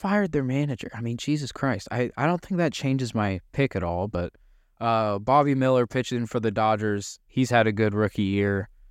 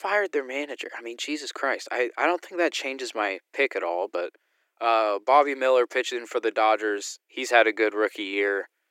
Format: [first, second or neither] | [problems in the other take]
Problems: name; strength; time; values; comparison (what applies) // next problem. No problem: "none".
first | thin; very; fading below 300 Hz